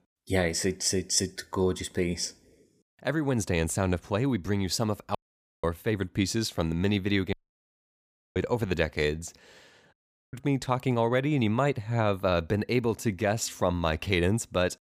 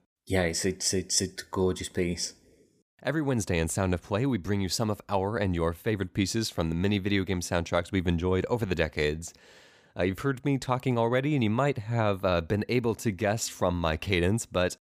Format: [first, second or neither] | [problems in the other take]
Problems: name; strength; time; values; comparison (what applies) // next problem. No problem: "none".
second | audio cutting out; at 5 s, at 7.5 s for 1 s and at 10 s